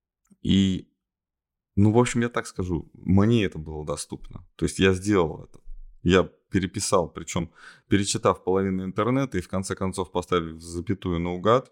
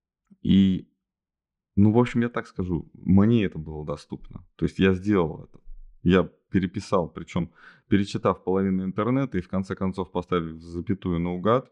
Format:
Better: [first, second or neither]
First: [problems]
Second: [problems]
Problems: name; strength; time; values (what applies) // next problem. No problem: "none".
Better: first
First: none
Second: muffled; slightly; fading above 3 kHz